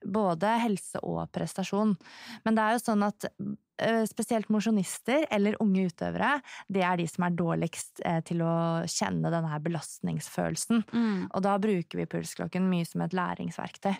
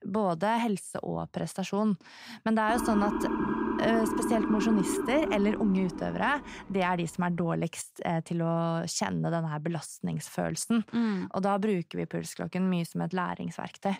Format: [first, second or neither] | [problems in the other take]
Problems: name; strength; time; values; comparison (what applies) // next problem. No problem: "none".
first | siren; loud; from 2.5 to 6.5 s; peak level with the speech